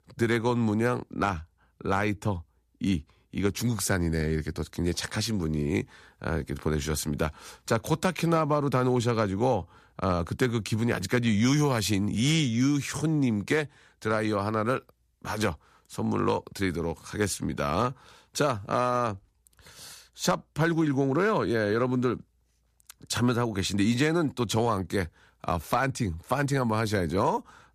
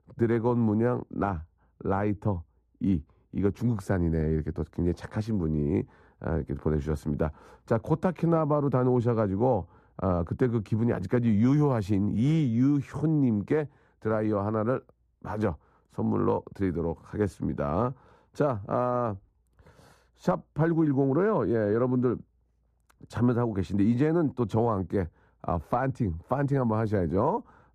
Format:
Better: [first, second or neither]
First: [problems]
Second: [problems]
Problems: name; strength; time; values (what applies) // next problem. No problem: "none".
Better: first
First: none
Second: muffled; very; fading above 2 kHz